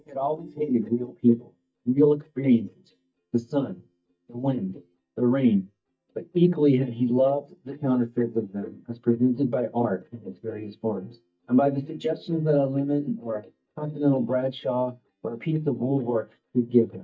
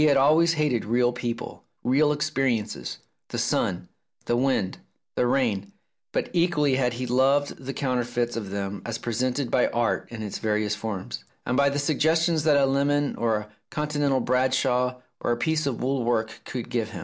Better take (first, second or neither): second